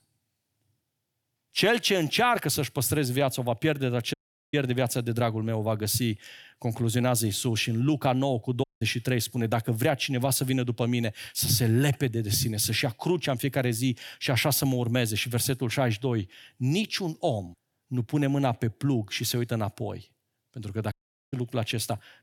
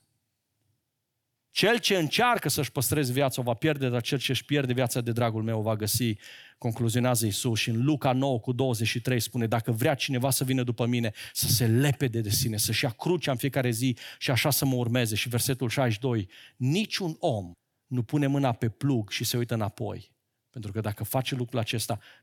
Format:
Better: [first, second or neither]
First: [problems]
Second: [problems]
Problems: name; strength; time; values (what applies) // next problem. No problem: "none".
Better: second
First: audio cutting out; at 4 s, at 8.5 s and at 21 s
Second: none